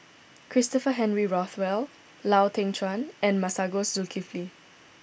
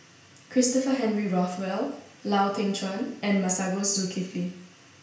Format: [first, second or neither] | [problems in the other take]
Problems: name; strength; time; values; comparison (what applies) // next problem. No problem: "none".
first | room echo; dies away in 0.5 s